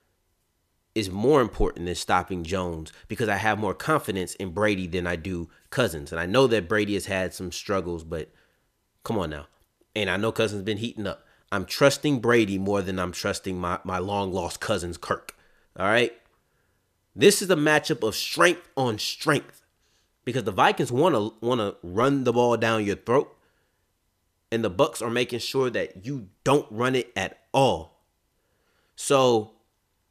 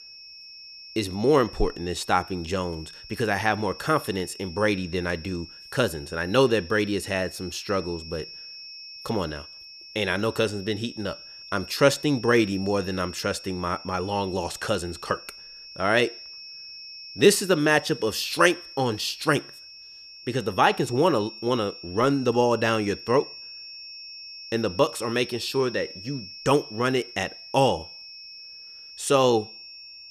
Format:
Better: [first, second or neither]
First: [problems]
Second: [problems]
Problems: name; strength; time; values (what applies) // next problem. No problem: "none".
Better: first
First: none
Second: high-pitched whine; noticeable; throughout; 5.5 kHz, 15 dB below the speech